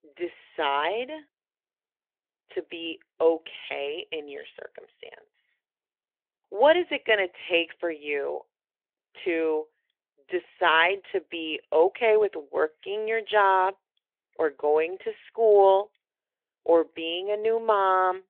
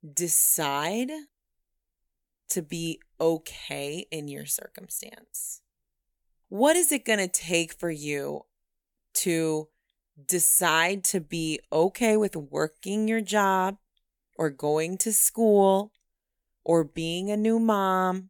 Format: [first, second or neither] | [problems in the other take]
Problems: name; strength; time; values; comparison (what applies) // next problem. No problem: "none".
second | phone-call audio